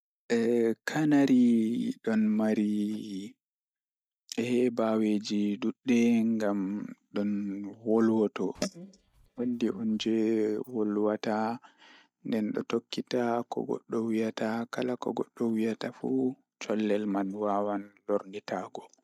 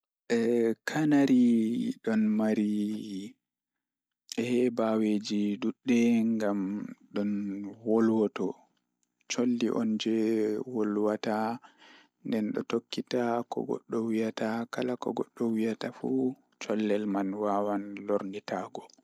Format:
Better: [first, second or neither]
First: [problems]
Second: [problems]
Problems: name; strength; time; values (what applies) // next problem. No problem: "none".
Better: second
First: noise reduction (neural mask model DeepFilterNet 3)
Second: none